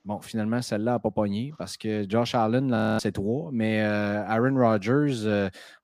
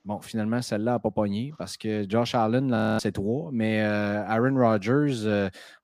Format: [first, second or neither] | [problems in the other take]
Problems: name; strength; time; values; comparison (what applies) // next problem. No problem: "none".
neither | audio freezing; at 3 s; the same in both